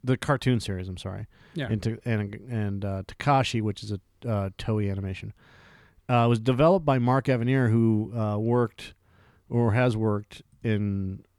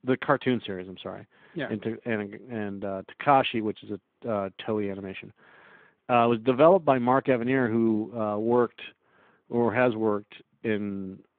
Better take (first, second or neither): first